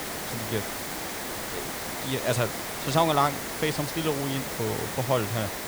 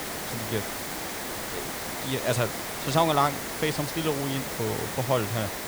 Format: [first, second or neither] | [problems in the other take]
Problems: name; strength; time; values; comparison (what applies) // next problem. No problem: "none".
neither | hiss; loud; throughout; 4 dB below the speech; the same in both